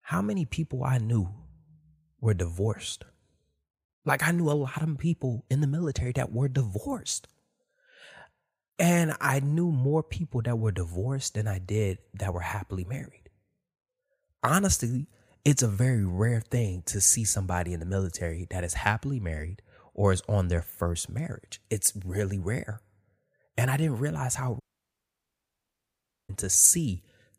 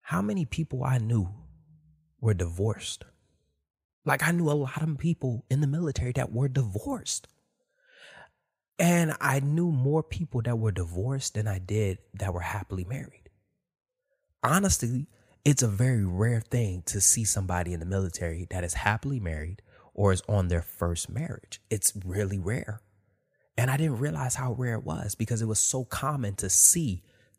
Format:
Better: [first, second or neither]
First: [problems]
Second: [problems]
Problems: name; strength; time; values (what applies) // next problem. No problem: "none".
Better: second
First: audio cutting out; at 25 s for 1.5 s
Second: none